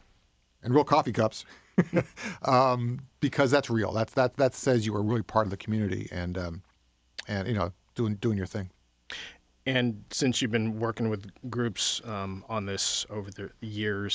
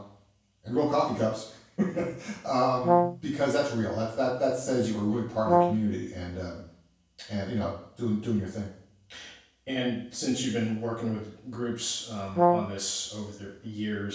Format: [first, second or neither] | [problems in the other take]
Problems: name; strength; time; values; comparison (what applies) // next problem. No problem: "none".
first | background sound (Brass instrument); 5 dB above the speech // room echo; dies away in 0.7 s